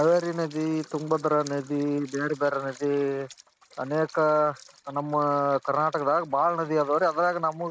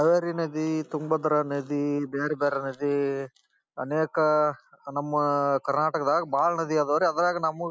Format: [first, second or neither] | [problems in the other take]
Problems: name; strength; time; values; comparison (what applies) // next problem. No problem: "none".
second | noise reduction (neural mask model RNNoise)